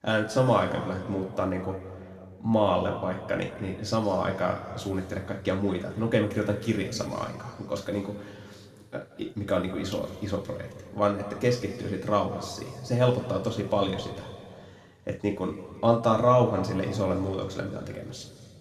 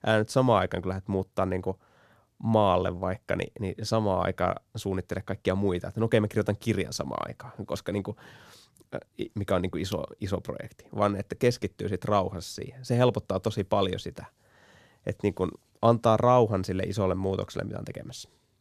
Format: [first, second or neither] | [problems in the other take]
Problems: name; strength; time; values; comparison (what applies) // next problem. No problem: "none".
second | room echo; noticeable; dies away in 2 s // off-mic speech; somewhat distant